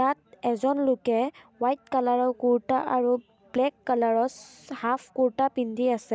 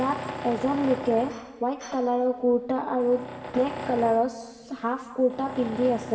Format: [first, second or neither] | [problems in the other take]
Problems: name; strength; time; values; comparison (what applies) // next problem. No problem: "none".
first | background sound (Tools); 12 dB below the speech // room echo; dies away in 1.8 s